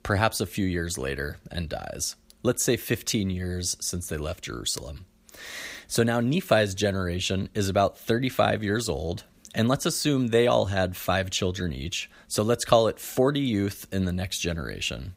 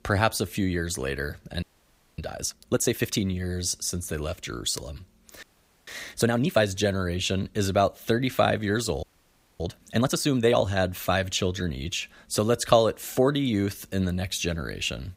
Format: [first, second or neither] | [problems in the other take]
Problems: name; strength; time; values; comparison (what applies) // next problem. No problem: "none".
first | audio freezing; at 1.5 s for 0.5 s, at 5.5 s and at 9 s for 0.5 s